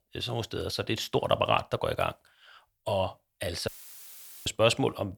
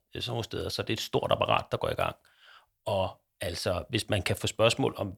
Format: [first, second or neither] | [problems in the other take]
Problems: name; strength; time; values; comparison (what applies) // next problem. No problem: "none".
second | audio cutting out; filled with static; at 3.5 s for 1 s